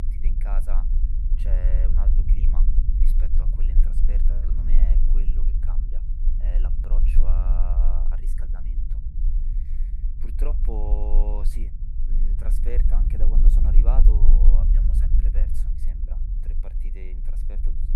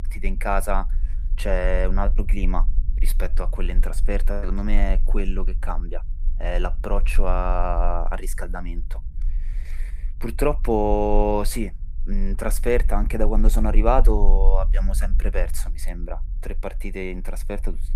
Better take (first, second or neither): second